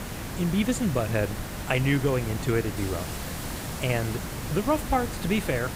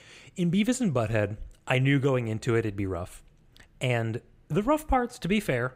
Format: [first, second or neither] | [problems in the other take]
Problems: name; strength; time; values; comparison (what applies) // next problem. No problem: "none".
second | hiss; loud; throughout; 7 dB below the speech